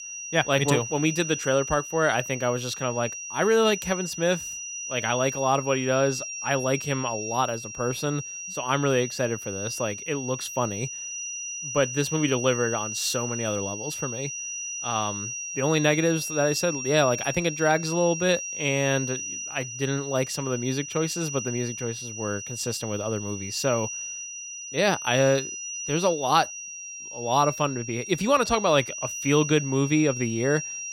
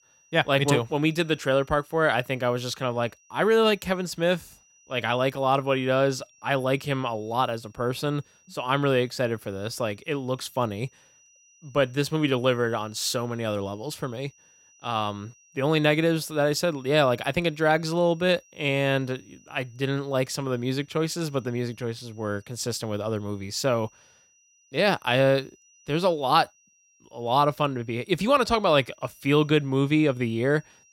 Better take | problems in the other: second | high-pitched whine; loud; throughout; 6 kHz, 7 dB below the speech; faint in the second

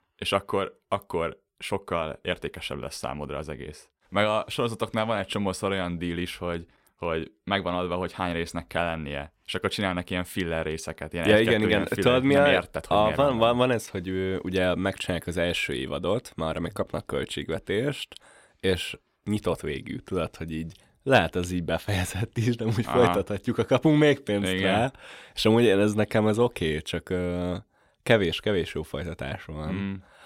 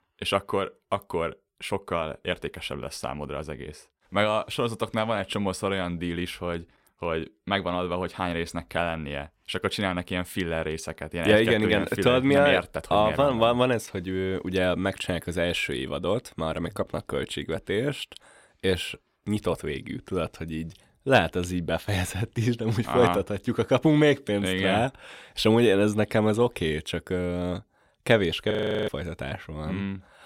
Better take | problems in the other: first | audio freezing; at 29 s

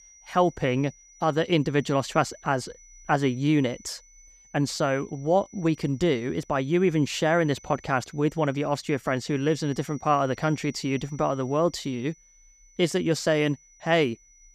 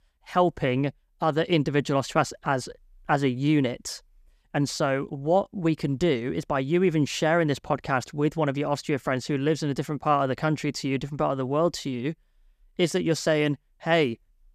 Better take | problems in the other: second | high-pitched whine; faint; throughout; 6 kHz, 25 dB below the speech

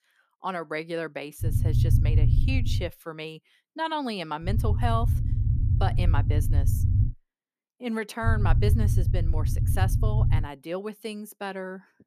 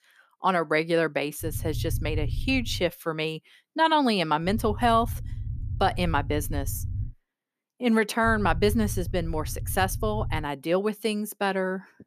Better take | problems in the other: second | low rumble; loud; from 1.5 to 3 s, from 4.5 to 7 s and from 8.5 to 10 s; 7 dB below the speech; faint in the second

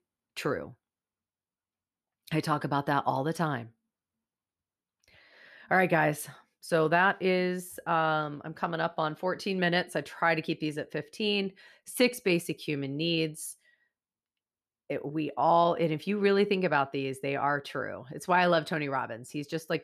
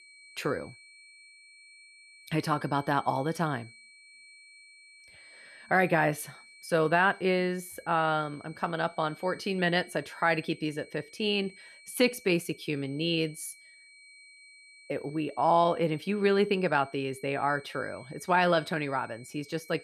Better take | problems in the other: first | high-pitched whine; faint; throughout; 2.5 kHz, 25 dB below the speech

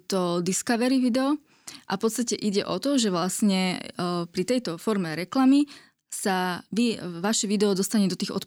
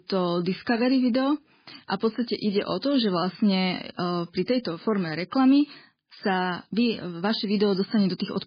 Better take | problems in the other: first | garbled, watery; badly; nothing above 4.5 kHz

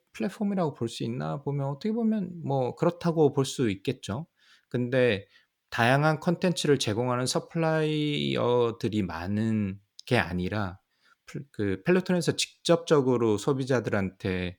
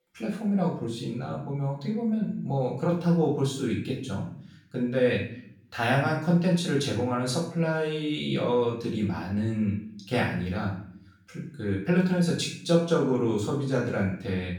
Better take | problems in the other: first | off-mic speech; far // room echo; noticeable; dies away in 0.6 s

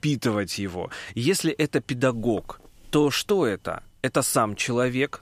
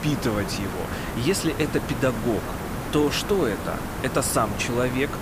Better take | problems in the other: first | hiss; loud; throughout; 5 dB below the speech

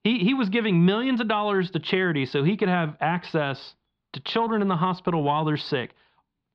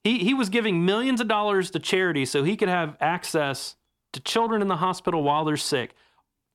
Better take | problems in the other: second | muffled; very slightly; fading above 4 kHz

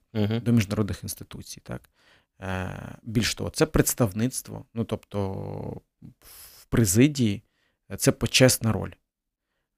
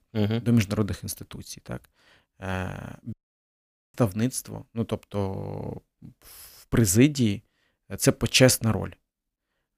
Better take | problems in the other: first | audio cutting out; at 3 s for 1 s

